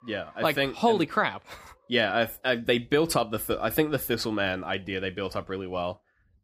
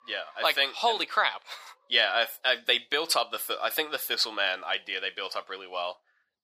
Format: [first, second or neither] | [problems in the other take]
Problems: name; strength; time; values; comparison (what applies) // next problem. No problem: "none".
first | thin; very; fading below 800 Hz